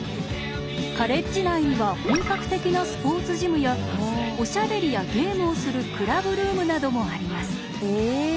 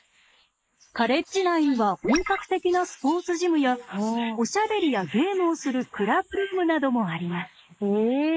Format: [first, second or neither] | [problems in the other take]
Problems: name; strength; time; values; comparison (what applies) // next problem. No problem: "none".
first | noise reduction (neural mask model Resemble Enhance denoiser)